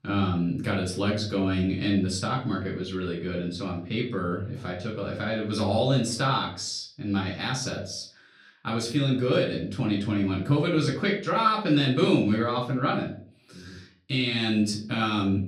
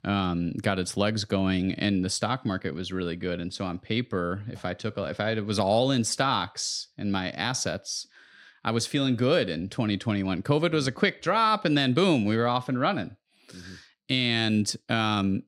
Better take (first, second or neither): second